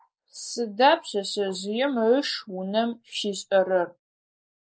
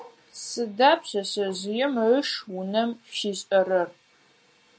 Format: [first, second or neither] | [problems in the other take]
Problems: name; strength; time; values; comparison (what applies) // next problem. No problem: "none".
second | noise reduction (neural mask model Resemble Enhance denoiser)